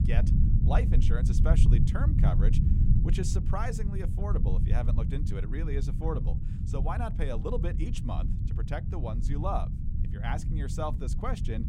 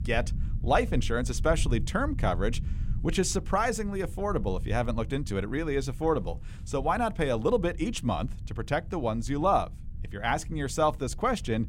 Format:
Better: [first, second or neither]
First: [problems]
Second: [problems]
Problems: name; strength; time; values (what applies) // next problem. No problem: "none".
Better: second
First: low rumble; loud; throughout; 5 dB below the speech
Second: low rumble; faint; throughout; 25 dB below the speech